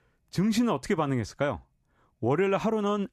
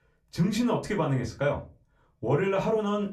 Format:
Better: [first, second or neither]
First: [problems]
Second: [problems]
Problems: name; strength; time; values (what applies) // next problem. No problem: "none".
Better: first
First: none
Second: off-mic speech; somewhat distant // room echo; very slight; dies away in 0.2 s